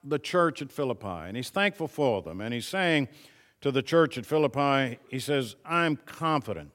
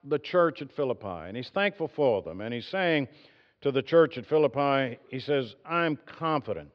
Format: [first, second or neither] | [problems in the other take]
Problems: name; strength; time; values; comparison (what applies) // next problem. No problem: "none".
first | muffled; very slightly; fading above 4.5 kHz